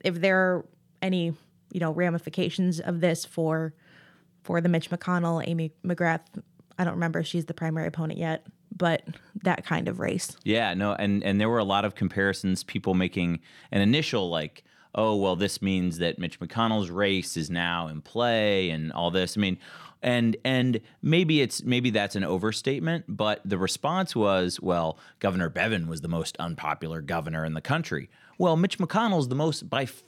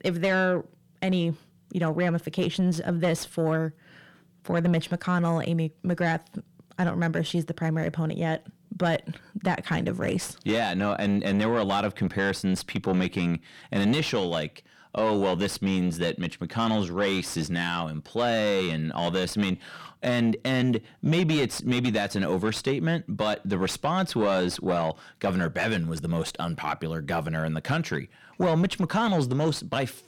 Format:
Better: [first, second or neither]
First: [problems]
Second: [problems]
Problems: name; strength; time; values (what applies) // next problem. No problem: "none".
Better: first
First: none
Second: distortion; slight; 10 dB below the speech